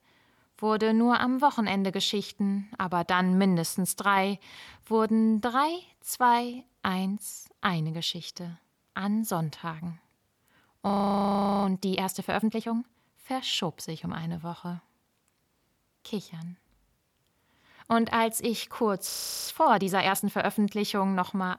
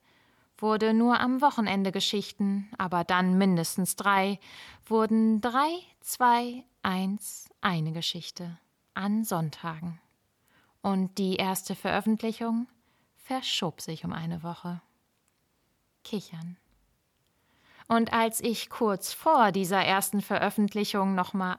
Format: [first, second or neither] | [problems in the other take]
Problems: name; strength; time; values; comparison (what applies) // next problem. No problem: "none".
second | audio freezing; at 11 s for 0.5 s and at 19 s